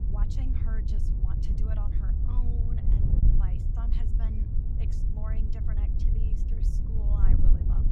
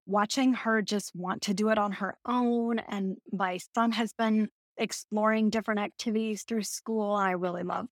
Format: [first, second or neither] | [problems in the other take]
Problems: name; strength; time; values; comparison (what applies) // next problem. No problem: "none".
second | wind noise on the microphone; heavy; 4 dB above the speech